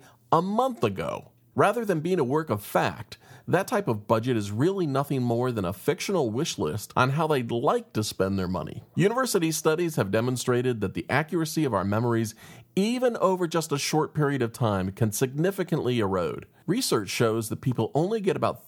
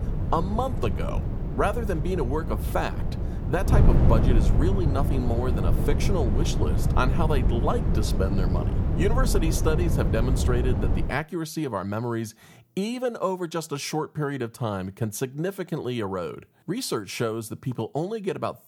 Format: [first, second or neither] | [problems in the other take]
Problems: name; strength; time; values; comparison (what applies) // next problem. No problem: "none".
first | wind noise on the microphone; heavy; until 11 s; 6 dB below the speech